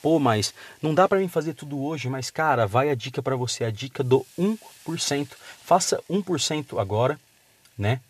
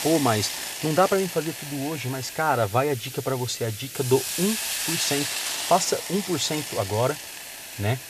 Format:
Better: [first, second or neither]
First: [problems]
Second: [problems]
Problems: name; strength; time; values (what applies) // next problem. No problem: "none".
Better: first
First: hiss; faint; throughout; 30 dB below the speech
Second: hiss; loud; throughout; 4 dB below the speech